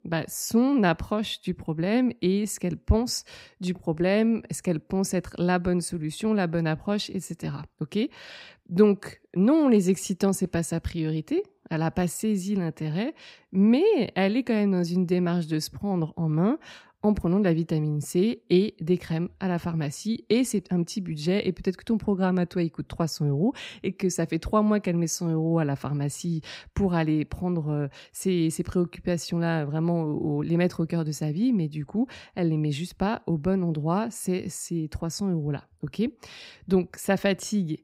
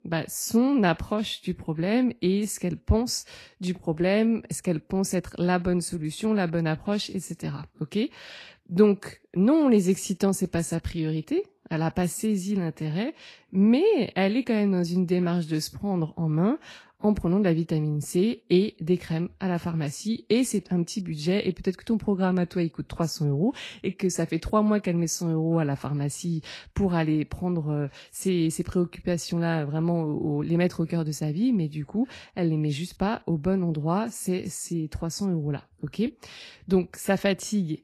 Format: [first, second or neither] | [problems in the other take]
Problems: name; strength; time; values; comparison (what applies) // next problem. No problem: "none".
first | garbled, watery; slightly; nothing above 12.5 kHz